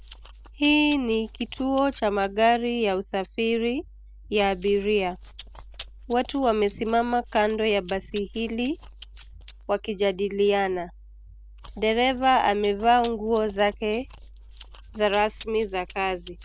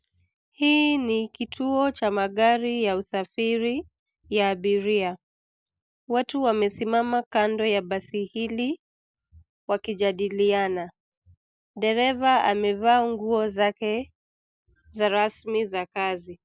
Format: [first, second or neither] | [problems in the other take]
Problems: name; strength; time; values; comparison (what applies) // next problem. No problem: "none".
second | background sound (Chewing, mastication); 19 dB below the speech